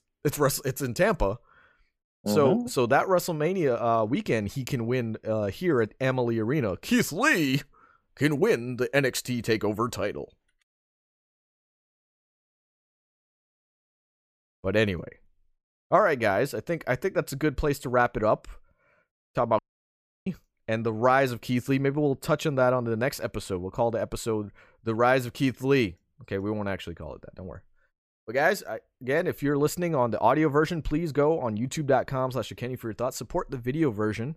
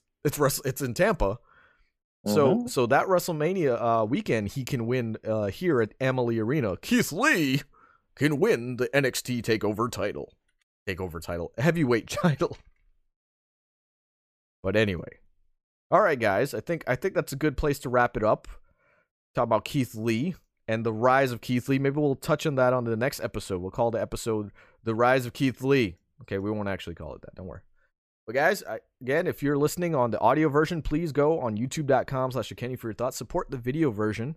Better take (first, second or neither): second